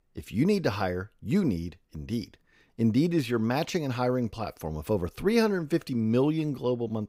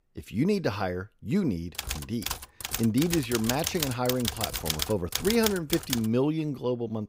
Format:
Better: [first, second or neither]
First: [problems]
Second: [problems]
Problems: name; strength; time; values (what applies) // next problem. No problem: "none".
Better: first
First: none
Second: keyboard typing; noticeable; from 2 to 6 s; peak level with the speech